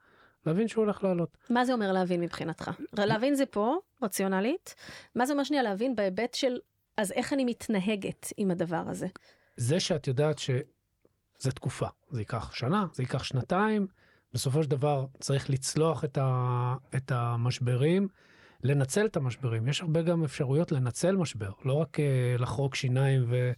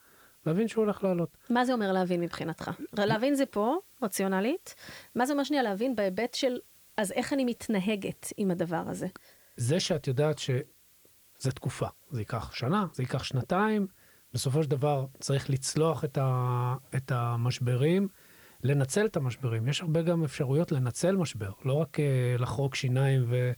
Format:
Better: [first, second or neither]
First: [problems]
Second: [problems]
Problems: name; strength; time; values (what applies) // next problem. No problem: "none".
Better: first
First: none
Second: hiss; faint; throughout; 25 dB below the speech